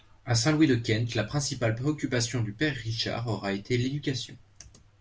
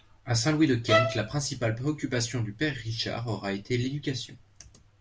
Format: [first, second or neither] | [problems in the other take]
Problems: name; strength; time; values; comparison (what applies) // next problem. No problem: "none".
first | background sound (Bowed string instrument); 1 dB above the speech